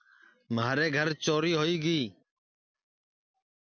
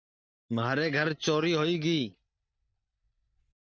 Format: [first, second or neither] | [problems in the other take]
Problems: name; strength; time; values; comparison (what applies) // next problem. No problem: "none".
first | noise reduction (neural mask model DeepFilterNet 3)